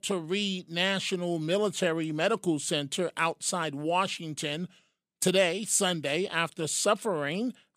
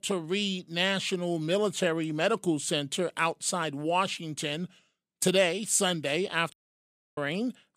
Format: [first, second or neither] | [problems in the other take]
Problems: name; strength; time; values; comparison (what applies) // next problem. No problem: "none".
first | audio cutting out; at 6.5 s for 0.5 s